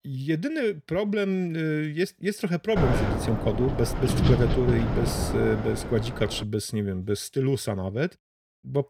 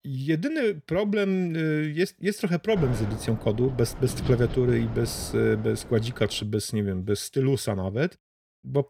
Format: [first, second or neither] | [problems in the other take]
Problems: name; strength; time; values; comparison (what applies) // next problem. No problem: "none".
second | wind noise on the microphone; heavy; from 3 to 6.5 s; 2 dB below the speech; occasional gusts in the second